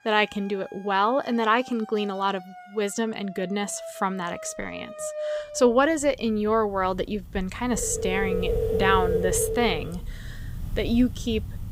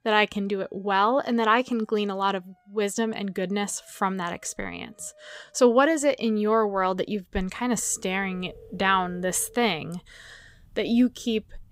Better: second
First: alarms or sirens; loud; throughout; 5 dB below the speech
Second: alarms or sirens; faint; throughout; 25 dB below the speech

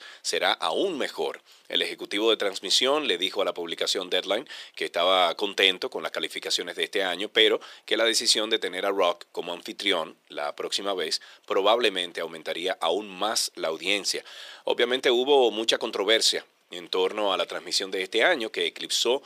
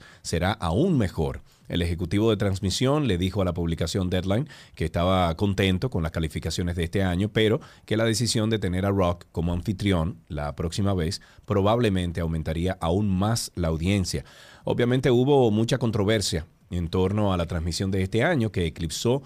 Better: second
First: thin; very; fading below 350 Hz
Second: none

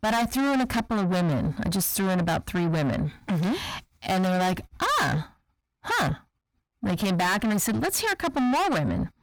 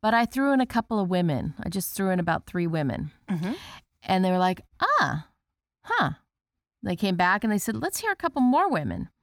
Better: second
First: distortion; heavy; 5 dB below the speech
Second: none

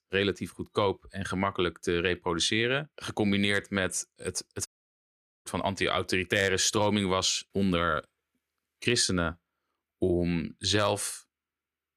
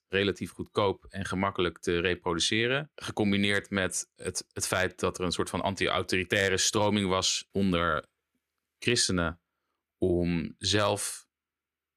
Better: second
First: audio cutting out; at 4.5 s for 1 s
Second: none

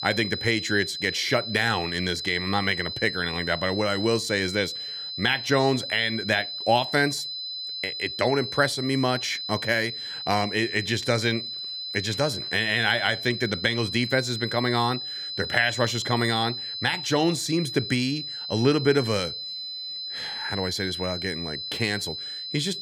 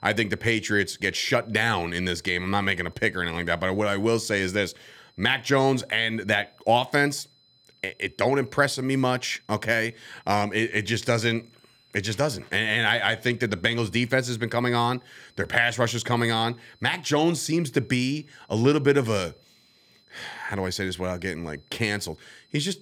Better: second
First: high-pitched whine; loud; throughout; 4 kHz, 6 dB below the speech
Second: high-pitched whine; faint; throughout; 4 kHz, 35 dB below the speech

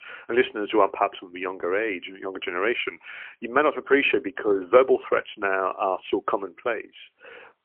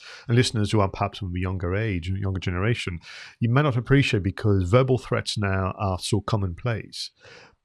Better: second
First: phone-call audio; poor line; nothing above 3 kHz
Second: none

